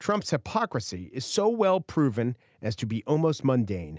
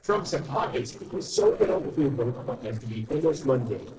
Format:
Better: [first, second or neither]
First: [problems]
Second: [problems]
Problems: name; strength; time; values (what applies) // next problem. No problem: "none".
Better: first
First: none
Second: noise reduction (neural separator model SepFormer DNS4)